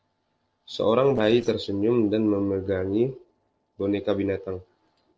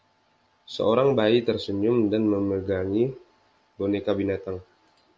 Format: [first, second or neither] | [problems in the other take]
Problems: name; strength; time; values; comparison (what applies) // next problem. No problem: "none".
second | noise reduction (neural separator model SepFormer DNS4)